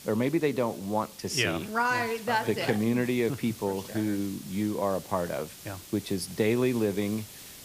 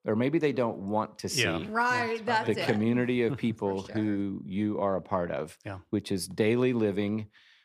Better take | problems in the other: second | hiss; noticeable; throughout; 15 dB below the speech

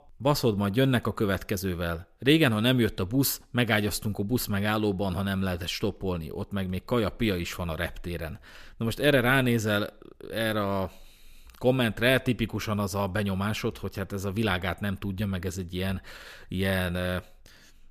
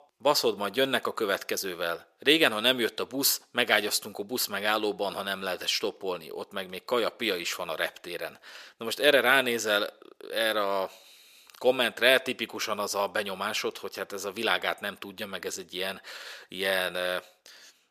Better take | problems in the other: first | thin; somewhat; fading below 500 Hz

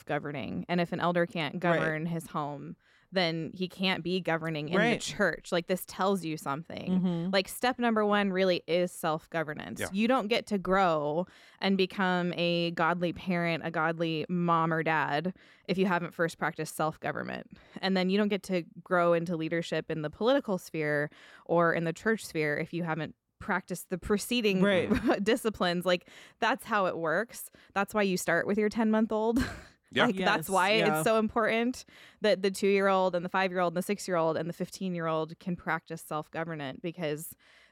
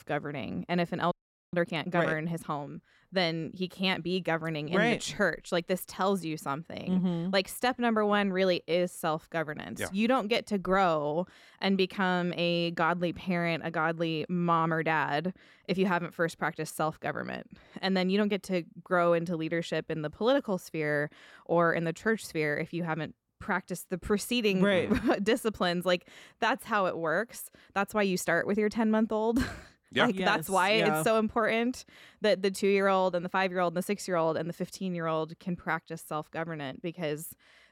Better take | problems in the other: first | audio freezing; at 1 s

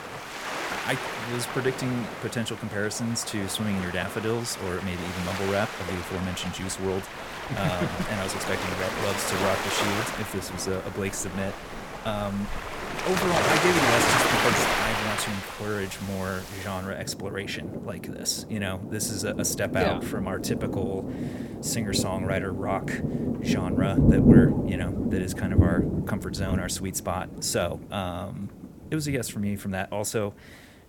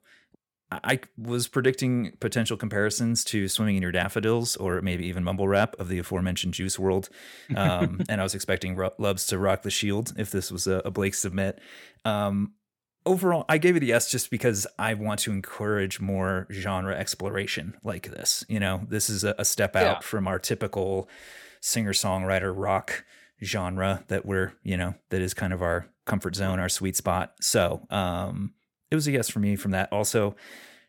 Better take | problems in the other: second | rain or running water; very loud; throughout; 3 dB above the speech

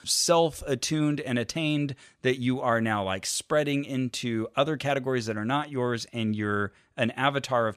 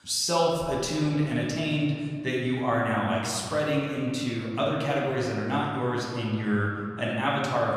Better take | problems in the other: first | room echo; noticeable; dies away in 1.9 s // off-mic speech; far

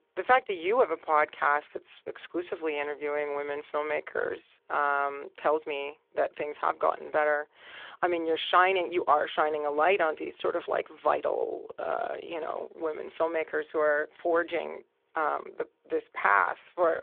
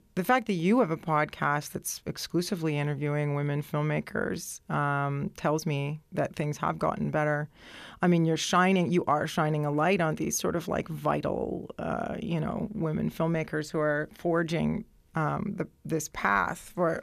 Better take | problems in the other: second | phone-call audio; nothing above 3.5 kHz

